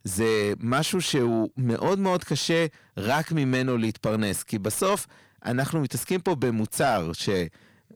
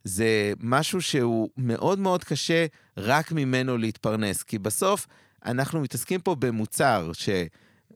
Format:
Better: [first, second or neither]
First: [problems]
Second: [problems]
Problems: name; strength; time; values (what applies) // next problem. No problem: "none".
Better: second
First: distortion; slight; 10 dB below the speech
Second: none